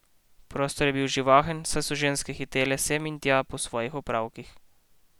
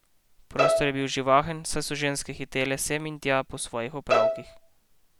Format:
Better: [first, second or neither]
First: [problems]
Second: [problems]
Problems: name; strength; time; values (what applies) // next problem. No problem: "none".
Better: first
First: none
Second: background sound (Bowed string instrument); 2 dB above the speech